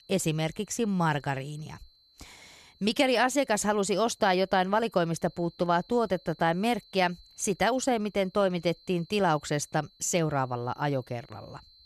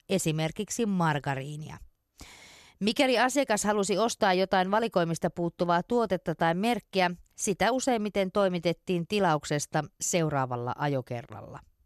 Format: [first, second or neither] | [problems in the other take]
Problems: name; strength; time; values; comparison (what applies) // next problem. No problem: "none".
second | high-pitched whine; faint; throughout; 4 kHz, 30 dB below the speech